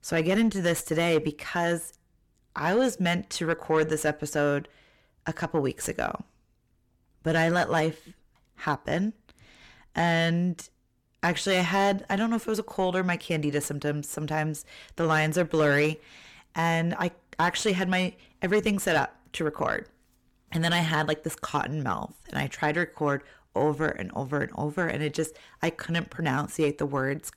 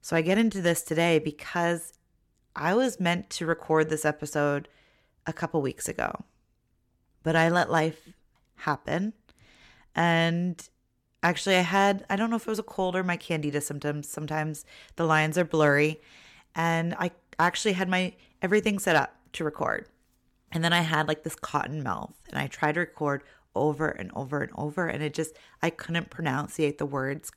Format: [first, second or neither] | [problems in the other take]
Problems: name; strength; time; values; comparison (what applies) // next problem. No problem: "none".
second | distortion; slight; 10 dB below the speech